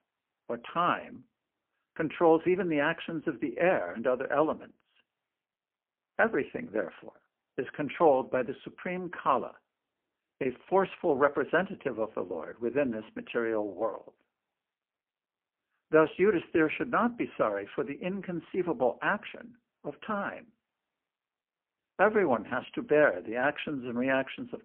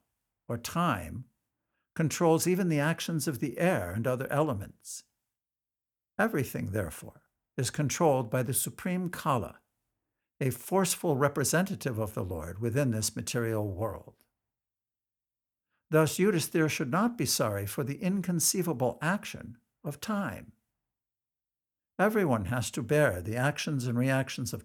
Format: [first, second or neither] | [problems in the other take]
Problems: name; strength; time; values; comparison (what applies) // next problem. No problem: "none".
second | phone-call audio; poor line